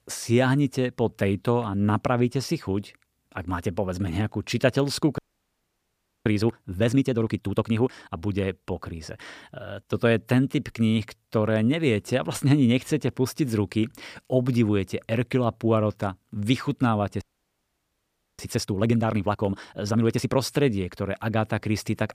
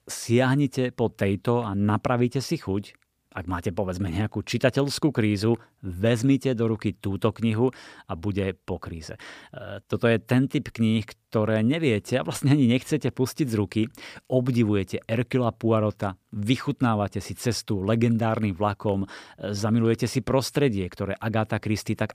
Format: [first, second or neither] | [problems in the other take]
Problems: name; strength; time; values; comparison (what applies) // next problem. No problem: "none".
second | audio freezing; at 5 s for 1 s and at 17 s for 1 s